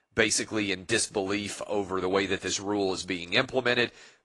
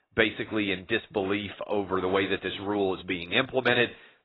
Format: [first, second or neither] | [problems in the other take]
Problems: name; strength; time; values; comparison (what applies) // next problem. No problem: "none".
first | garbled, watery; badly; nothing above 4 kHz; slightly in the first